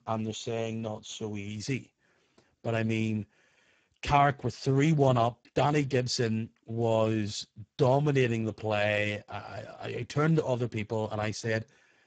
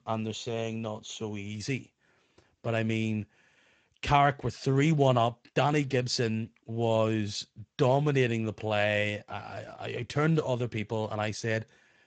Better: second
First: garbled, watery; badly; nothing above 7.5 kHz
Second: garbled, watery; slightly; nothing above 7.5 kHz

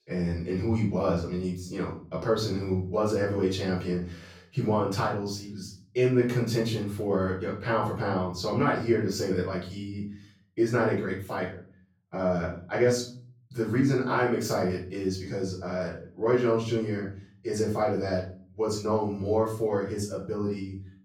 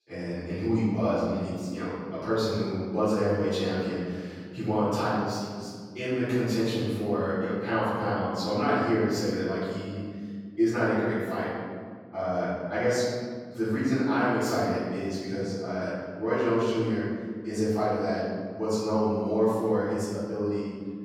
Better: first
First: room echo; slight; dies away in 0.6 s // off-mic speech; far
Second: room echo; strong; dies away in 1.8 s // off-mic speech; far

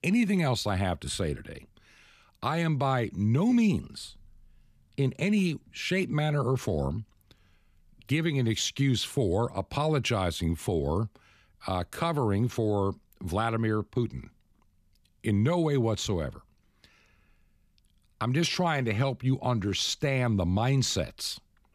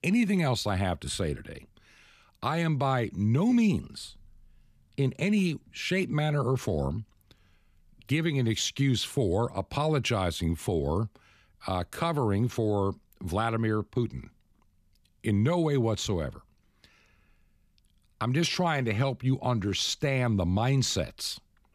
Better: neither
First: none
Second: none

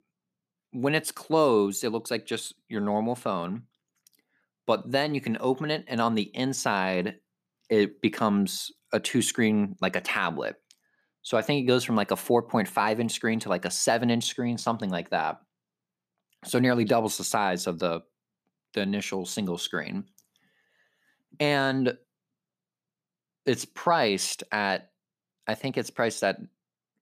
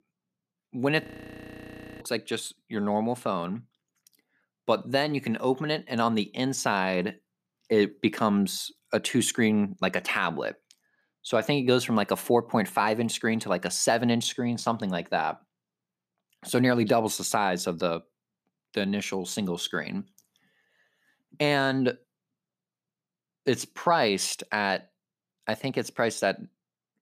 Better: first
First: none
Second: audio freezing; at 1 s for 1 s

